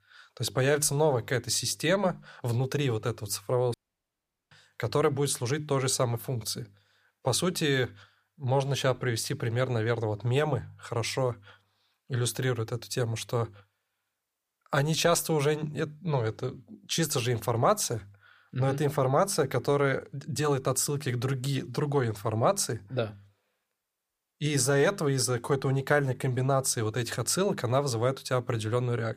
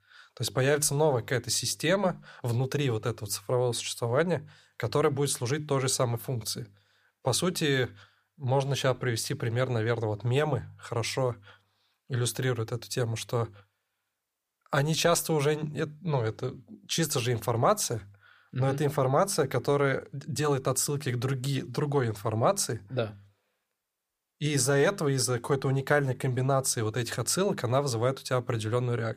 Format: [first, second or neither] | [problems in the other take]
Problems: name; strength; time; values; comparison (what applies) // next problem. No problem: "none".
second | audio cutting out; at 3.5 s for 1 s